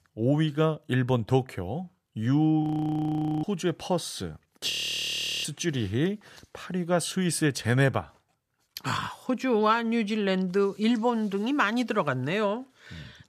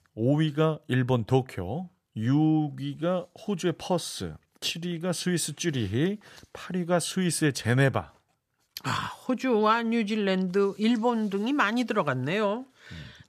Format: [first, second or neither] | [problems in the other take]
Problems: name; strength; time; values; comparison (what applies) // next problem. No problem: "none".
second | audio freezing; at 2.5 s for 1 s and at 4.5 s for 0.5 s